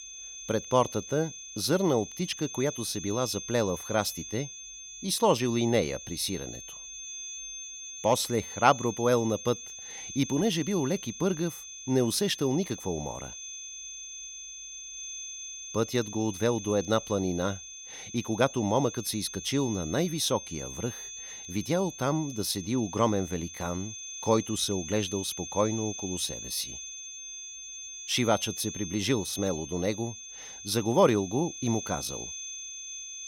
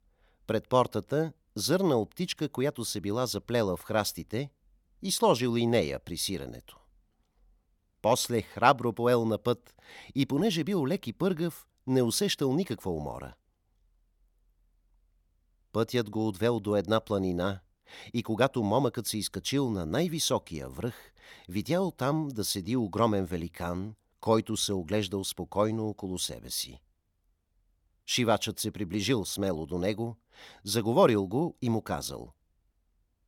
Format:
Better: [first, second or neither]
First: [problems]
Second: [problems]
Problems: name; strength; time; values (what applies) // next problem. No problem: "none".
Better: second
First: high-pitched whine; loud; throughout; 6.5 kHz, 10 dB below the speech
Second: none